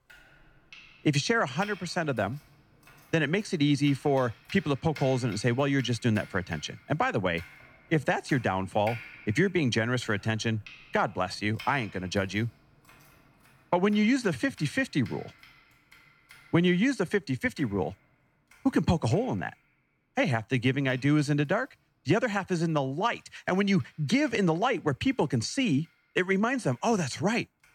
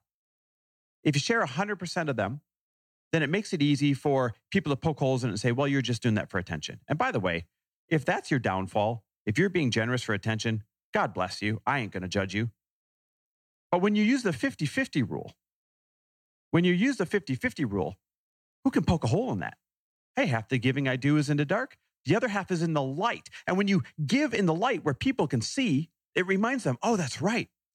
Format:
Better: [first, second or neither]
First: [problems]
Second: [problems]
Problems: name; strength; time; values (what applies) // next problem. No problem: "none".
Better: second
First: household noises; faint; throughout; 20 dB below the speech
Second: none